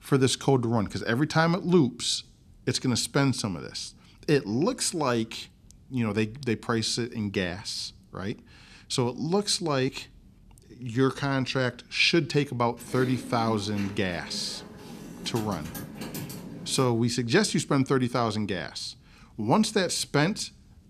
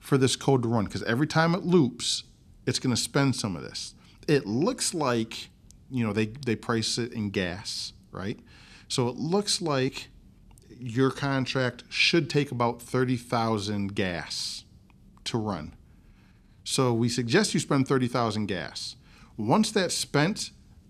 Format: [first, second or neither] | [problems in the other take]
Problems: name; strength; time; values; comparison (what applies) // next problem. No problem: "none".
second | keyboard typing; noticeable; from 13 to 17 s; peak 9 dB below the speech